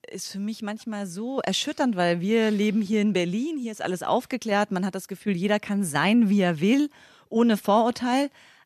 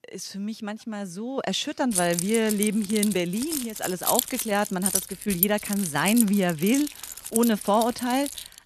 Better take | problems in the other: first | jangling keys; loud; from 2 s on; peak 2 dB above the speech

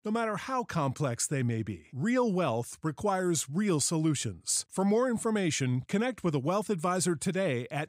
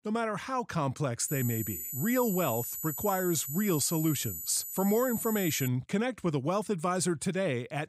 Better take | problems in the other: first | high-pitched whine; loud; from 1.5 to 5.5 s; 12 kHz, 5 dB below the speech

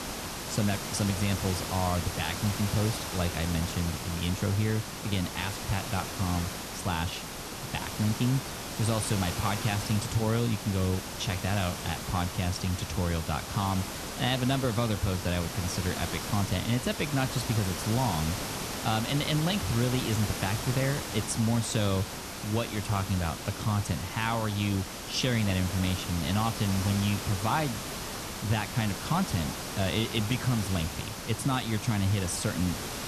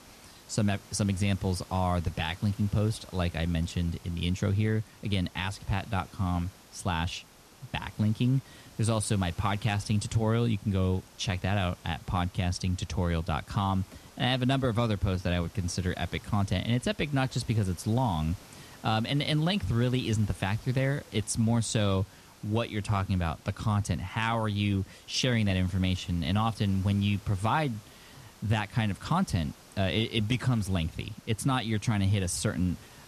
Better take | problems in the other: second | hiss; loud; throughout; 5 dB below the speech; faint in the second

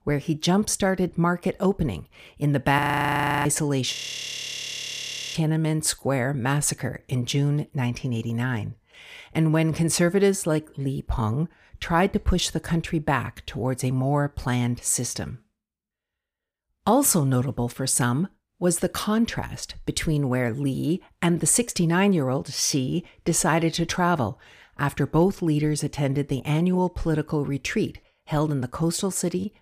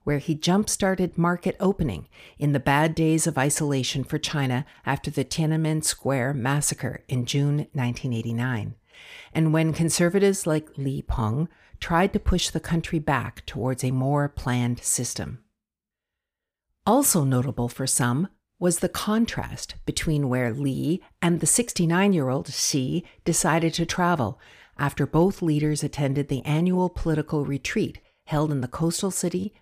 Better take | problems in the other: second | audio freezing; at 3 s for 0.5 s and at 4 s for 1.5 s

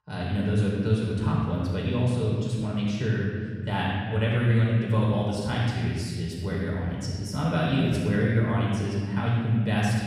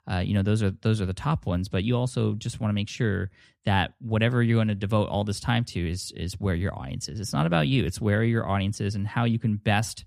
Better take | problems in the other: second | off-mic speech; far // room echo; strong; dies away in 1.8 s

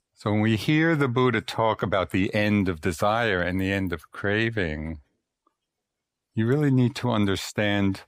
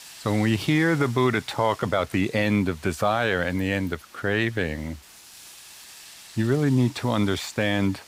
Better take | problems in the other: first | hiss; faint; throughout; 20 dB below the speech

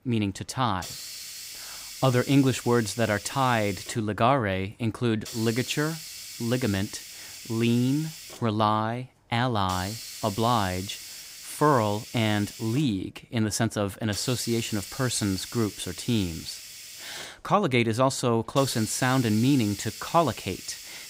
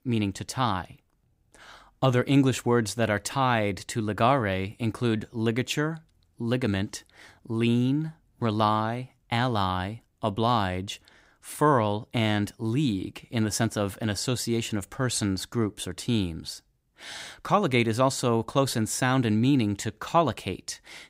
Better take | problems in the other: second | hiss; noticeable; throughout; 10 dB below the speech

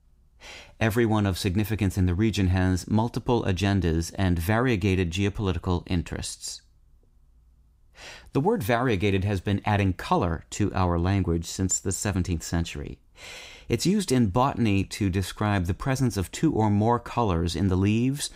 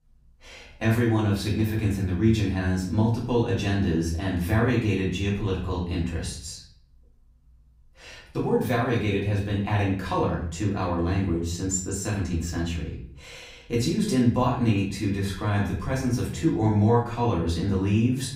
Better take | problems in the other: first | off-mic speech; far // room echo; slight; dies away in 0.6 s

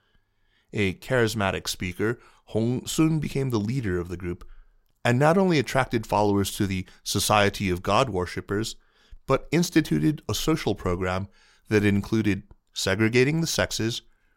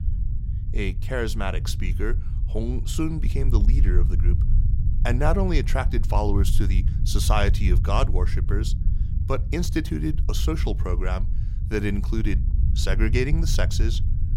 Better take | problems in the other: first | low rumble; noticeable; throughout; 10 dB below the speech

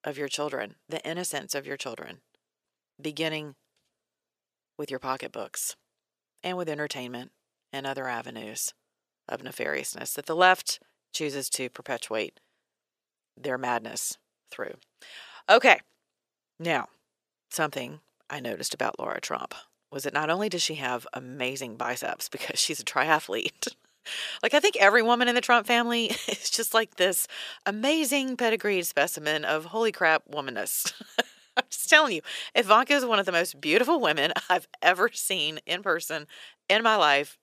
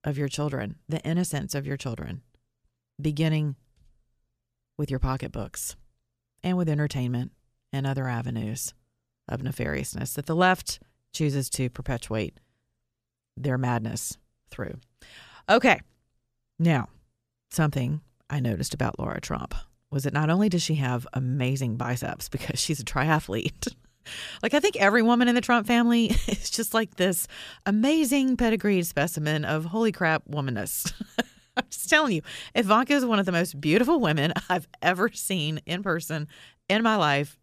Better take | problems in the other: second | thin; somewhat; fading below 500 Hz

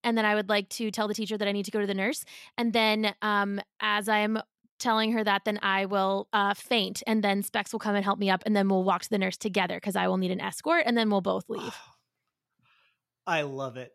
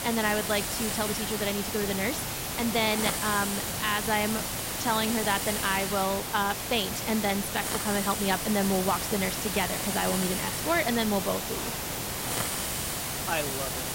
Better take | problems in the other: first | hiss; loud; throughout; 1 dB below the speech

